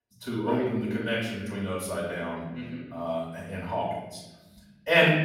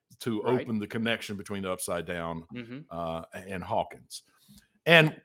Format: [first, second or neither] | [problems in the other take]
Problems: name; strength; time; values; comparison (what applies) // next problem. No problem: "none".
second | off-mic speech; far // room echo; noticeable; dies away in 1.1 s